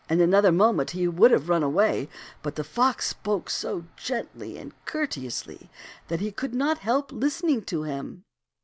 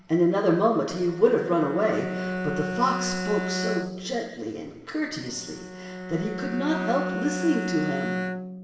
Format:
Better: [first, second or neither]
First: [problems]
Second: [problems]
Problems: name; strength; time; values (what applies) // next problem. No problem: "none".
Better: first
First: none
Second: background sound (Bowed string instrument); 6 dB below the speech // room echo; dies away in 1 s